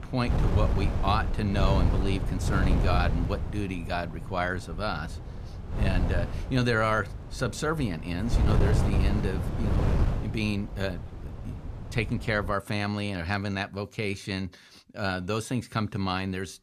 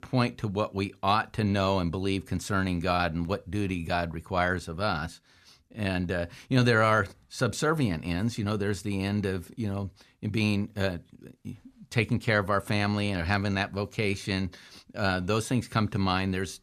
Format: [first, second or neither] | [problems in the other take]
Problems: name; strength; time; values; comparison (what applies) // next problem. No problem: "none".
second | wind noise on the microphone; heavy; until 13 s; 7 dB below the speech